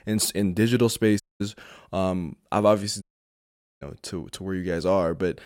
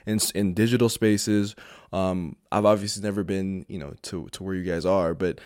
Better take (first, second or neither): second